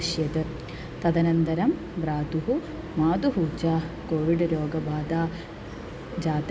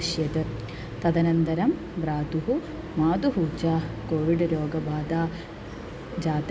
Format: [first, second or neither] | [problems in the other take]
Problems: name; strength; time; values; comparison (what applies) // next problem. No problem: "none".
first | background sound (Guitar); 18 dB below the speech